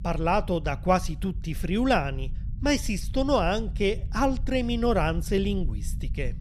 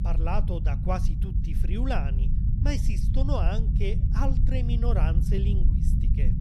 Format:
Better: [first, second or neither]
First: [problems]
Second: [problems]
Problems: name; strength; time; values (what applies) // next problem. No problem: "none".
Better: first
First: low rumble; faint; throughout; 25 dB below the speech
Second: low rumble; loud; throughout; 6 dB below the speech